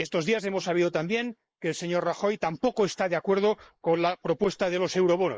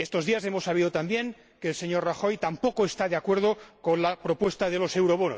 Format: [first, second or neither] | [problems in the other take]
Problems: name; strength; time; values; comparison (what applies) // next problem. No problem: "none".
second | noise reduction (neural mask model Resemble Enhance denoiser)